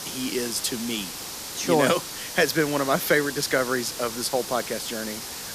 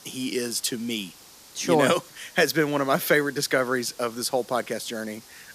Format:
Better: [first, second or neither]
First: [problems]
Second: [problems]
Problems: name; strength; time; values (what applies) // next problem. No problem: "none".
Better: second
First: hiss; loud; throughout; 8 dB below the speech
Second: hiss; faint; throughout; 20 dB below the speech